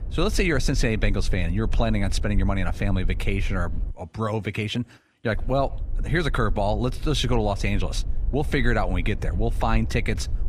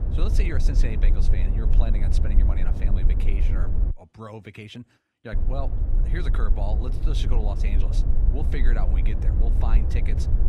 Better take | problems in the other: first | low rumble; loud; until 4 s and from 5.5 s on; 4 dB below the speech; faint in the first

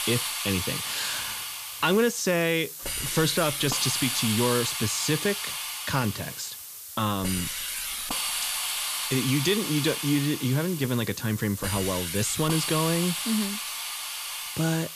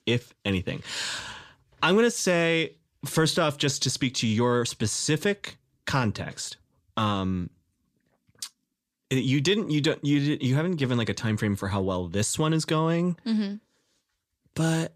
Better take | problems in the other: second | hiss; loud; throughout; 3 dB below the speech

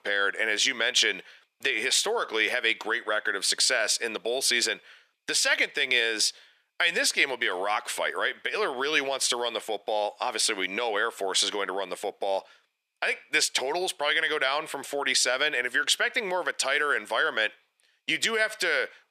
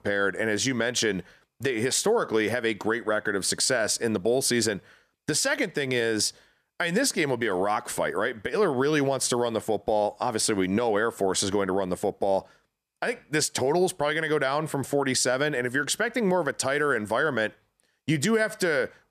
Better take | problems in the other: second | thin; somewhat; fading below 500 Hz

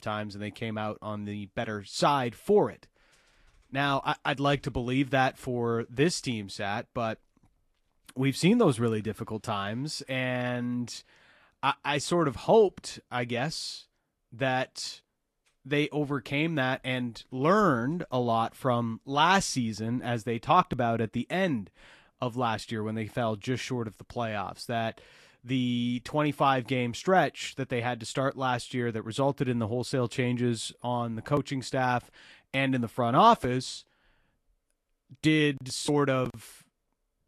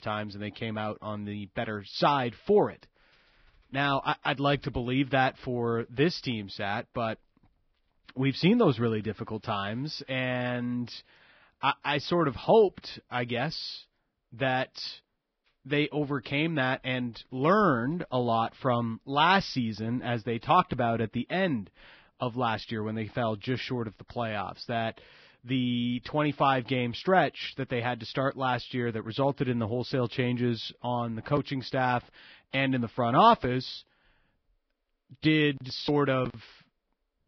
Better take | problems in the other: first | garbled, watery; badly; nothing above 5.5 kHz; slightly in the first

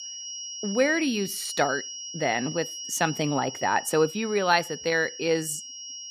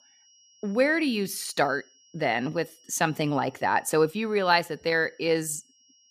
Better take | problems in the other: second | high-pitched whine; loud; throughout; 5.5 kHz, 9 dB below the speech; faint in the second

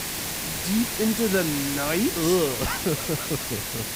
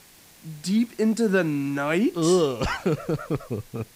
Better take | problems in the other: second | hiss; loud; throughout; 1 dB below the speech; faint in the second

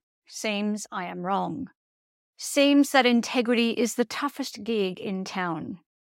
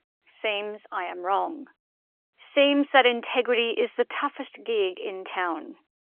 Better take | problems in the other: first | phone-call audio; nothing above 3 kHz

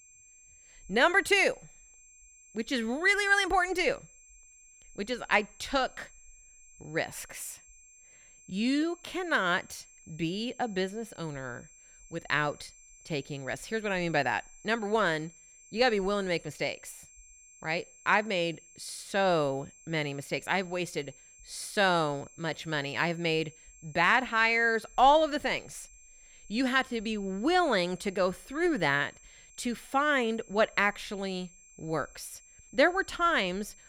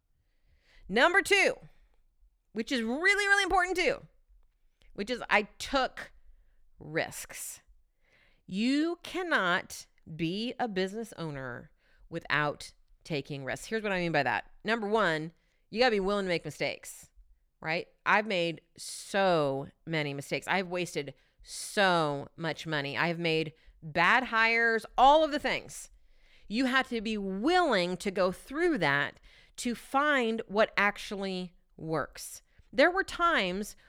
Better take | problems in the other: second | high-pitched whine; faint; throughout; 7.5 kHz, 25 dB below the speech

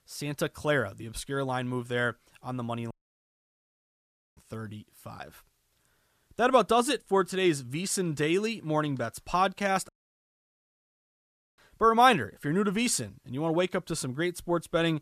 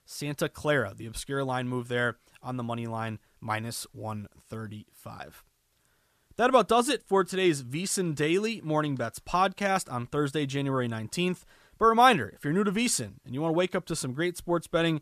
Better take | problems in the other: second | audio cutting out; at 3 s for 1.5 s and at 10 s for 1.5 s

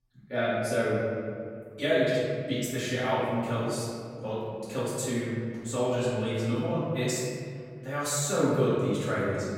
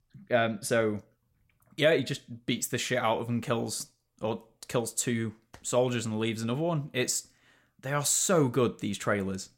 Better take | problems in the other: second | off-mic speech; far // room echo; strong; dies away in 2.2 s

